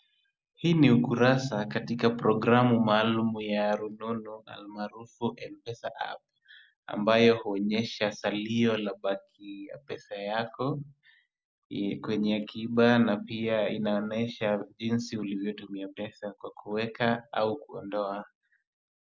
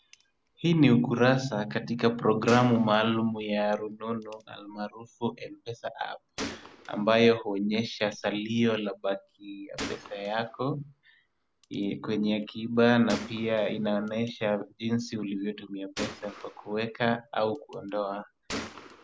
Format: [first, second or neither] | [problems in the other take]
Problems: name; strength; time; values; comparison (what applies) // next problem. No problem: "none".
first | background sound (Gunshot, gunfire); 17 dB below the speech